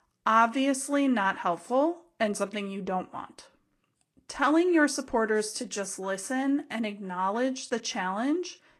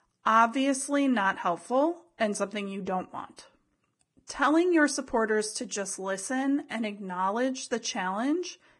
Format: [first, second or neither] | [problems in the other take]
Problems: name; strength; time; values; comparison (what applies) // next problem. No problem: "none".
first | garbled, watery; badly; nothing above 10 kHz; slightly in the first